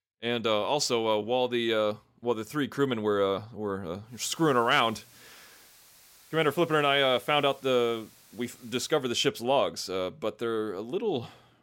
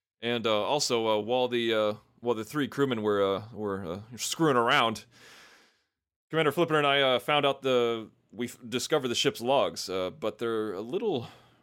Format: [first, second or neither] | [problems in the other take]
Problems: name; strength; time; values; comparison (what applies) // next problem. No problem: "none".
second | hiss; faint; from 4 to 9 s; 25 dB below the speech